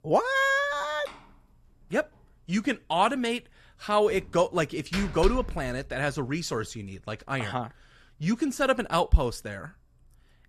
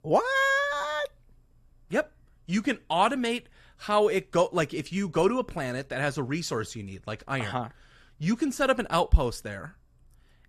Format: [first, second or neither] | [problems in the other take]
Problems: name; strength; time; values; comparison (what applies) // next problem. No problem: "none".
second | door banging; noticeable; from 4 to 5.5 s; peak 5 dB below the speech